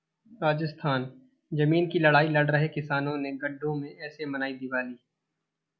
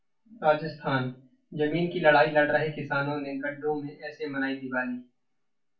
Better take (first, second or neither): first